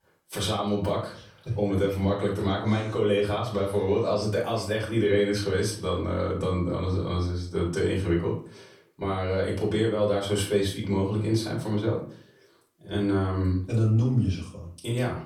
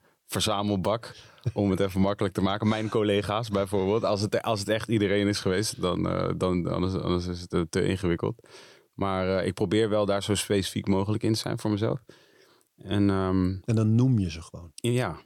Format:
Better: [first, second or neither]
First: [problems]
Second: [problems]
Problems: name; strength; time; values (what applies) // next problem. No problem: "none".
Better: second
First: off-mic speech; far // room echo; slight; dies away in 0.4 s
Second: none